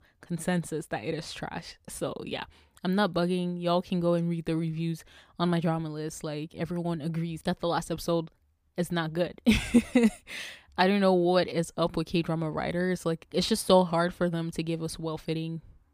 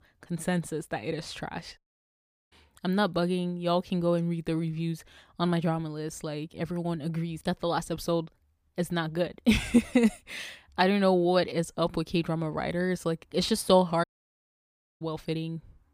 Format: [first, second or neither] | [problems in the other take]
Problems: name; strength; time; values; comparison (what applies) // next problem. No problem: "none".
first | audio cutting out; at 2 s for 0.5 s and at 14 s for 1 s